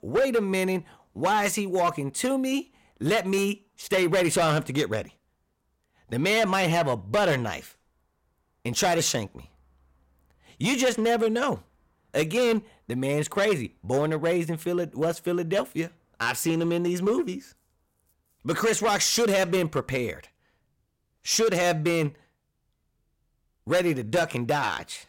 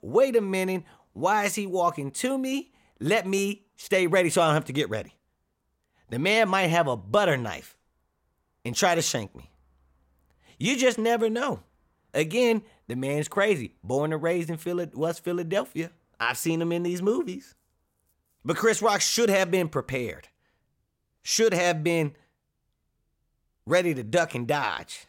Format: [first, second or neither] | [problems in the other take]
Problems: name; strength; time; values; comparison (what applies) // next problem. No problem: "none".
second | distortion; slight; 7% of the sound clipped